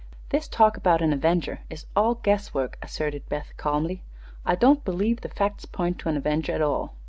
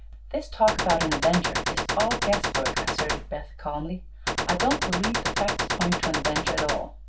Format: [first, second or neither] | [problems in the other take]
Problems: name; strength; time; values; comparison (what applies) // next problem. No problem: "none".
first | background sound (Gunshot, gunfire); 1 dB above the speech // room echo; dies away in 0.2 s